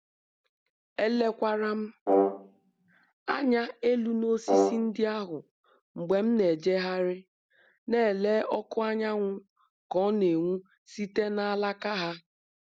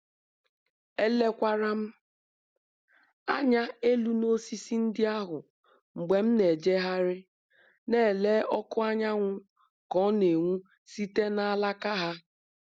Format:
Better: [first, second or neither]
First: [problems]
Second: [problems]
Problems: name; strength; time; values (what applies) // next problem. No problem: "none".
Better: second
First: background sound (Brass instrument); 1 dB above the speech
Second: none